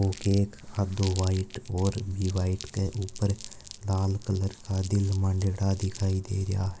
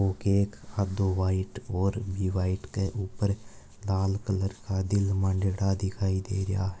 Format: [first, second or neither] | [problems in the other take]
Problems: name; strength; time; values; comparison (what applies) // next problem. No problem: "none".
second | background sound (Crumpling, crinkling); 19 dB below the speech